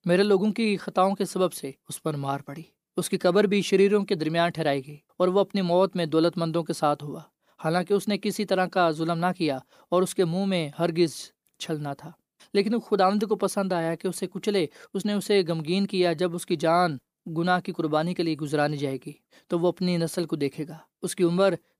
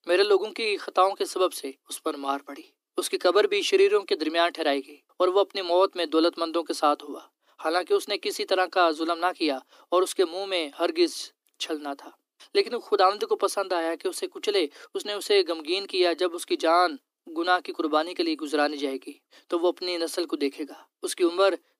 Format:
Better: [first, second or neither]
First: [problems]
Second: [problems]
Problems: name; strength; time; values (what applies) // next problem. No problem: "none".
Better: first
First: none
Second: thin; somewhat; fading below 250 Hz